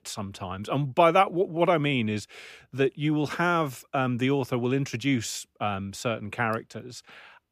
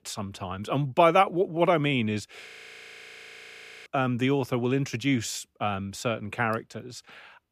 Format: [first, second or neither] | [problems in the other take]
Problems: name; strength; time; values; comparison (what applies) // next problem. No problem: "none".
first | audio freezing; at 2.5 s for 1.5 s